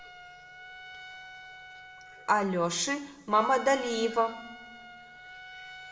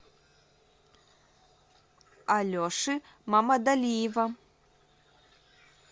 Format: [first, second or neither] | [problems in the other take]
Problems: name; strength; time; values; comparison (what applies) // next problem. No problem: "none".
second | background sound (Trumpet); 15 dB below the speech // room echo; dies away in 0.6 s